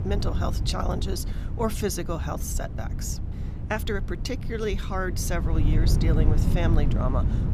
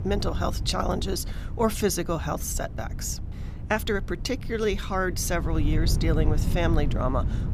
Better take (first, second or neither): second